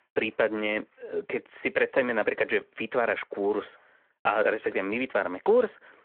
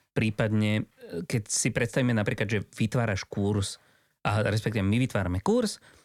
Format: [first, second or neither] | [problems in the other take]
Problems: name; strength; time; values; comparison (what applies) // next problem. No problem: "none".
second | phone-call audio